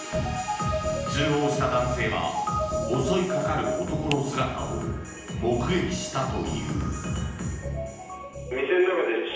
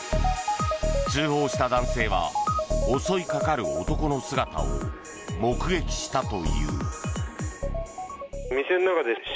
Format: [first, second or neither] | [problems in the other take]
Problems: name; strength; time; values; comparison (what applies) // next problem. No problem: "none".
second | background sound (Finger snapping); 13 dB below the speech // room echo; dies away in 0.9 s